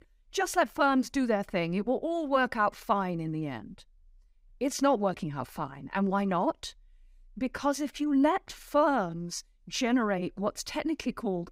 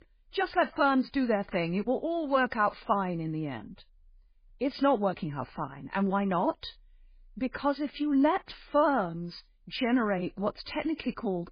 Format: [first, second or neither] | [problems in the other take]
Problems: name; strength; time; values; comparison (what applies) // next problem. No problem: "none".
first | garbled, watery; badly